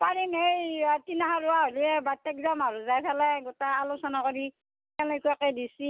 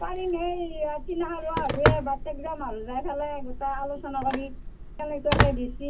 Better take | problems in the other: first | background sound (Telephone); 1 dB above the speech // room echo; dies away in 0.3 s

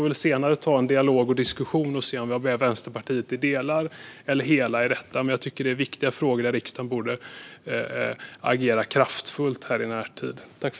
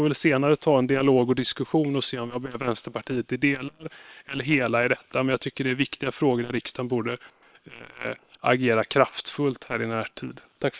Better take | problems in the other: first | noise reduction (neural separator model SepFormer WHAM!)

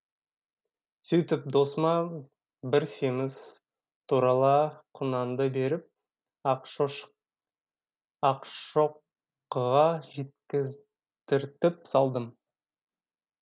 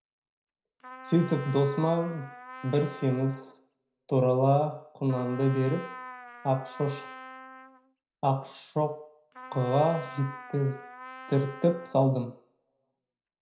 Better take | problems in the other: first | background sound (Trumpet); 17 dB below the speech // room echo; dies away in 0.5 s

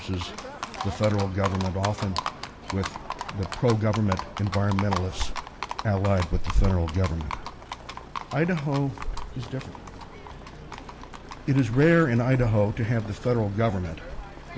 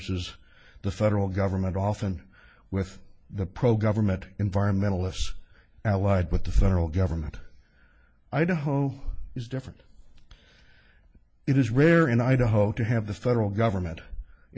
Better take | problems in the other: second | background sound (Livestock, farm animals, working animals); 11 dB below the speech

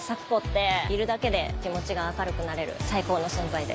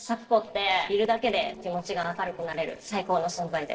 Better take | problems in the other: first | noise reduction (neural separator model SepFormer DNS4)

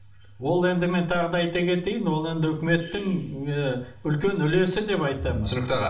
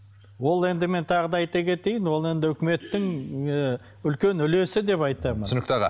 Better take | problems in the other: second | room echo; dies away in 0.4 s

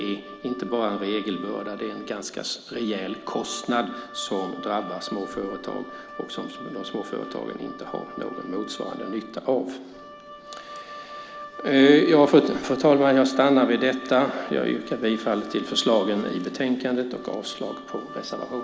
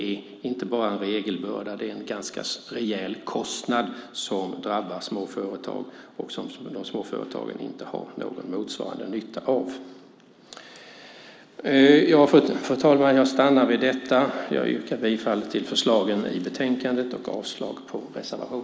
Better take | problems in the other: second | background sound (Wind instrument, woodwind instrument); 16 dB below the speech

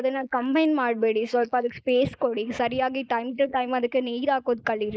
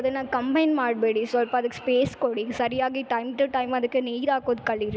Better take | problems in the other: second | noise reduction (neural mask model Resemble Enhance denoiser)

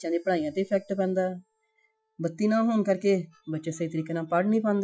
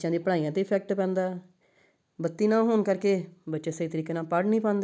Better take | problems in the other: second | noise reduction (classical method Wiener filter)

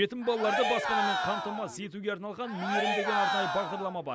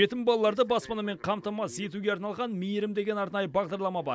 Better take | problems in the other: second | background sound (Cheering); 1 dB above the speech

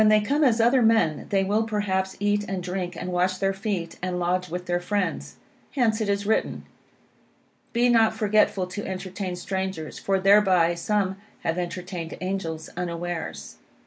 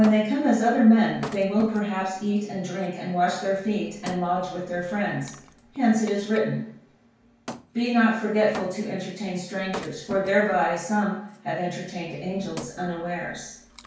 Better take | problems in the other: first | background sound (Wood); 18 dB below the speech // room echo; dies away in 0.5 s

